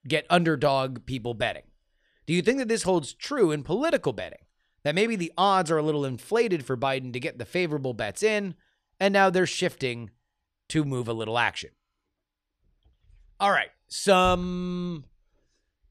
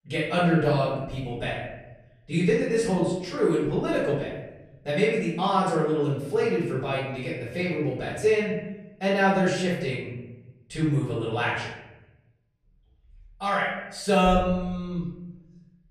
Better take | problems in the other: first | off-mic speech; far // room echo; noticeable; dies away in 1.1 s

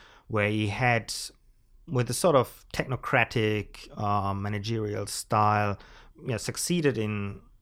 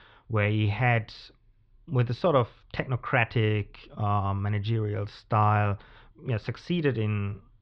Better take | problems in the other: first | muffled; slightly; fading above 4 kHz

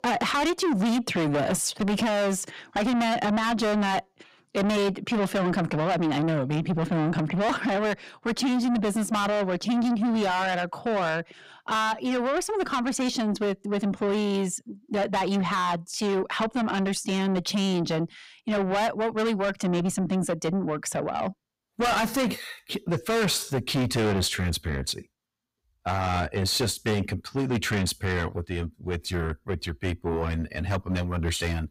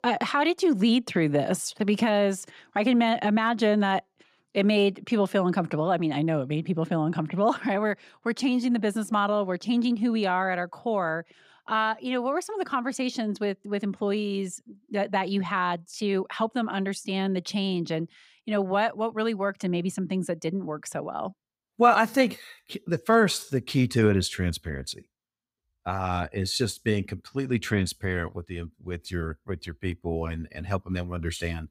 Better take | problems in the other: second | distortion; heavy; 6 dB below the speech

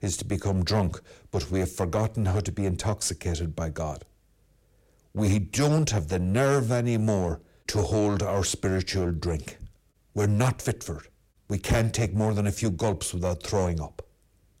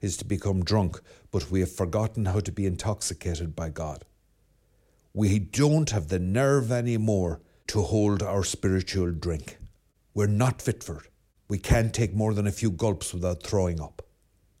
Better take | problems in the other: second | distortion; slight; 7% of the sound clipped

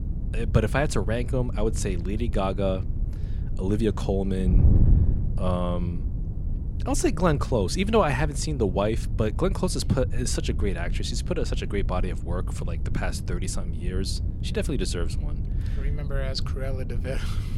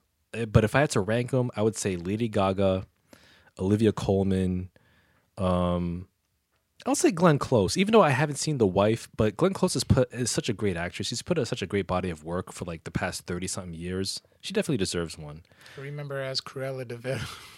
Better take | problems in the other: second | wind noise on the microphone; occasional gusts; 15 dB below the speech

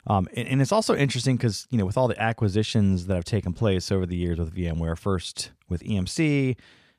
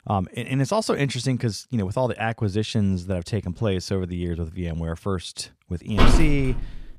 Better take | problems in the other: first | door banging; loud; at 6 s; peak 6 dB above the speech

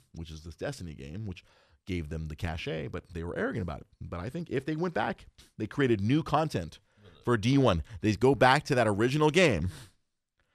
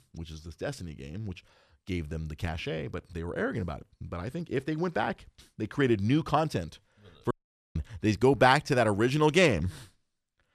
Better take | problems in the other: first | audio cutting out; at 7.5 s

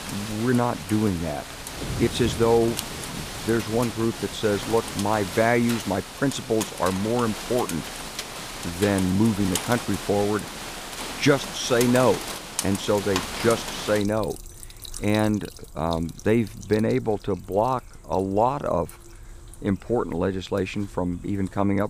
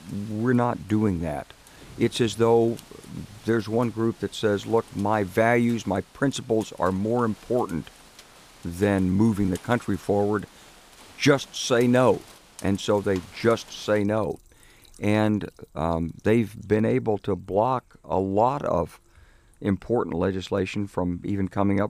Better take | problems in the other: second | rain or running water; loud; throughout; 8 dB below the speech; faint in the second

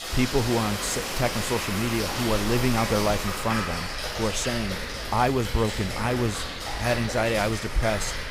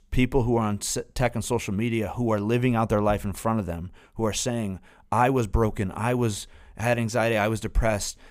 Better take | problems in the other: second | rain or running water; loud; throughout; 3 dB below the speech

